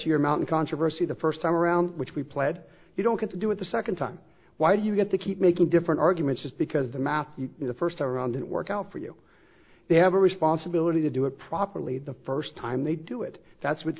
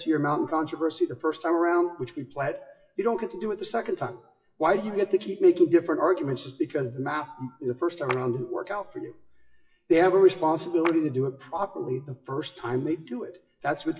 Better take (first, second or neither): first